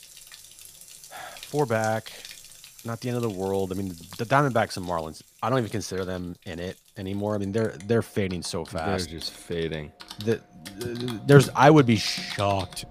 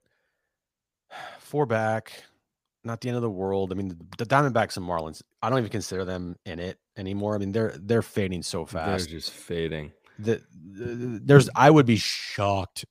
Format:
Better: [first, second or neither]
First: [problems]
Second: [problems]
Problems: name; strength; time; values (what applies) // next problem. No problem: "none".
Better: second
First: household noises; noticeable; throughout; 20 dB below the speech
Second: none